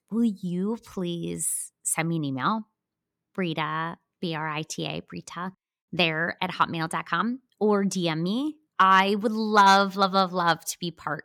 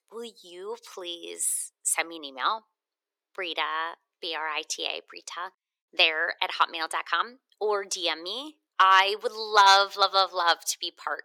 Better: first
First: none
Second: thin; very; fading below 400 Hz

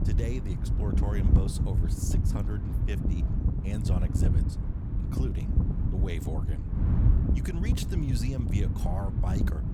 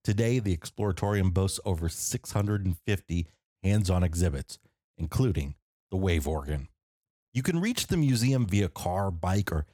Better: second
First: wind noise on the microphone; heavy; as loud as the speech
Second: none

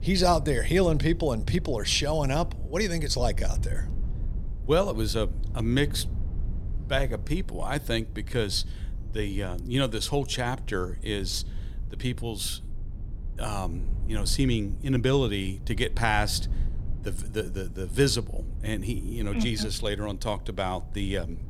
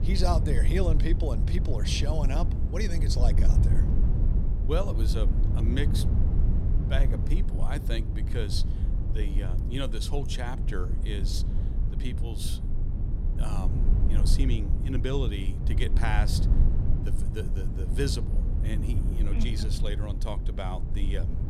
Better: first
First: low rumble; faint; throughout; 20 dB below the speech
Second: low rumble; loud; throughout; 6 dB below the speech

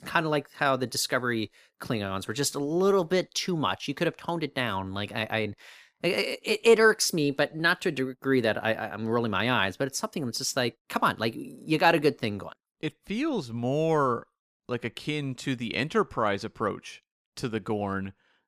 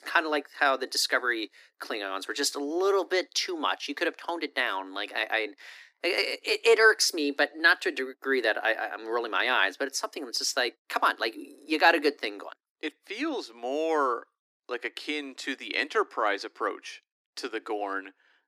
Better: first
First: none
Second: thin; somewhat; fading below 300 Hz

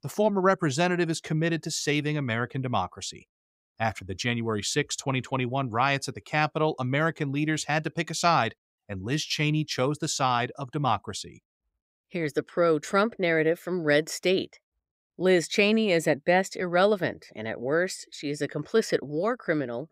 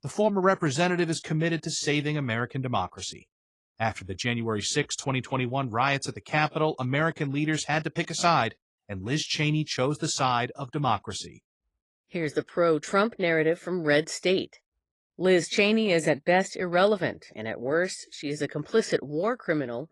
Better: first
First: none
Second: garbled, watery; slightly

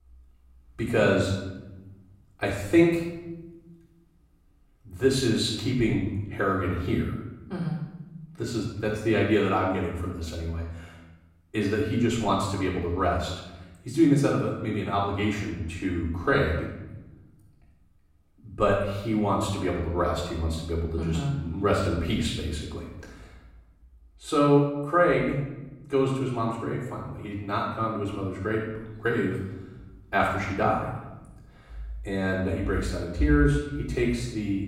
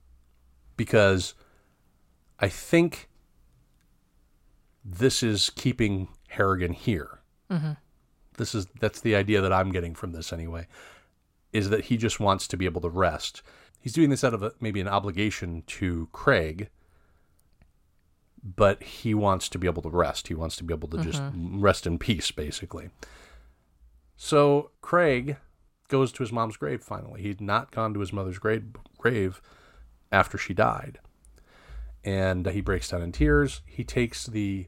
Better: second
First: off-mic speech; far // room echo; noticeable; dies away in 0.9 s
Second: none

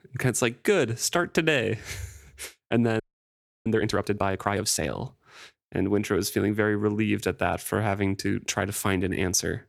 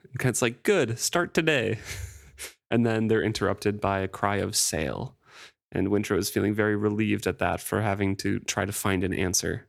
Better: second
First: audio freezing; at 3 s for 0.5 s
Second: none

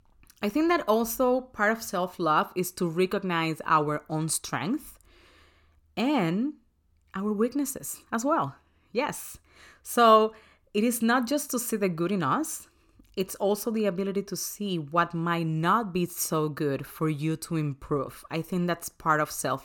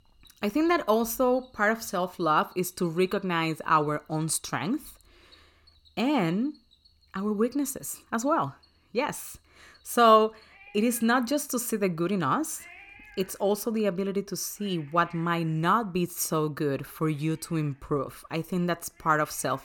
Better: first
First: none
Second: animal sounds; faint; throughout; 30 dB below the speech

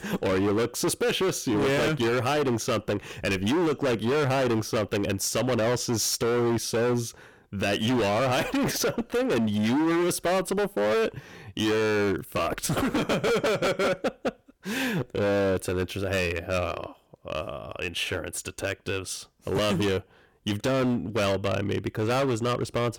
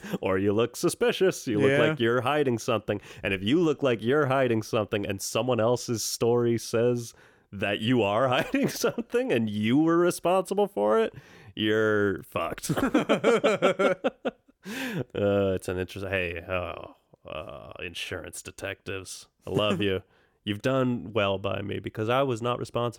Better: second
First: distortion; heavy; 24% of the sound clipped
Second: none

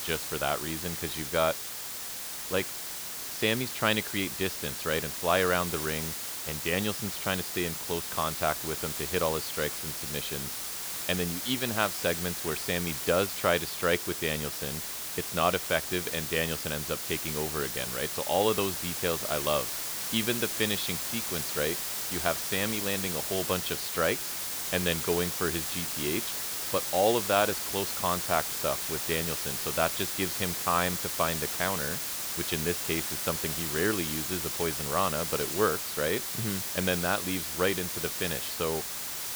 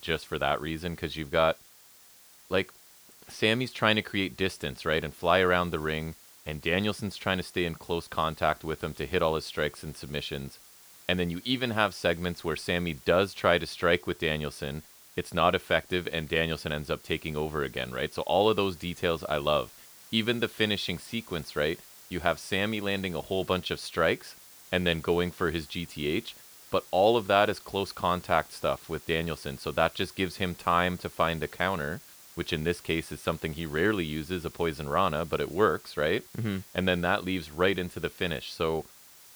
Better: second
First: hiss; loud; throughout; 1 dB below the speech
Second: hiss; faint; throughout; 20 dB below the speech

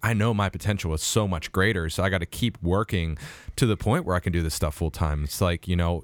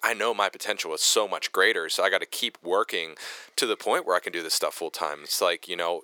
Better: first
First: none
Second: thin; very; fading below 400 Hz

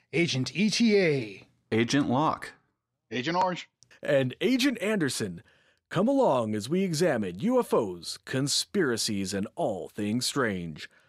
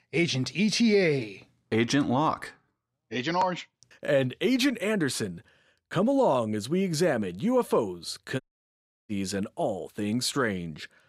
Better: first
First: none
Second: audio cutting out; at 8.5 s for 0.5 s

